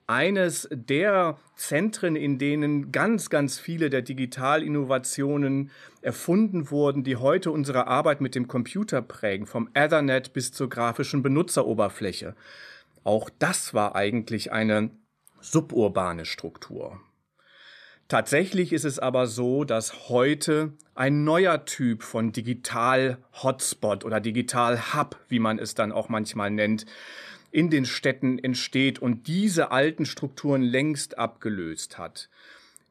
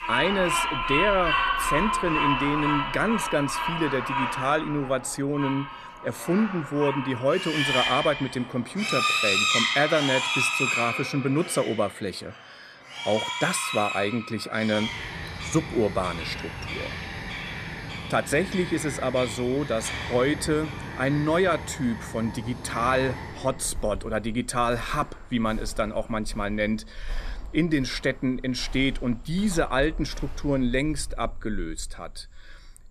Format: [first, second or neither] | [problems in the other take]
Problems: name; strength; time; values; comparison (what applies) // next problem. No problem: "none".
first | animal sounds; loud; throughout; 2 dB below the speech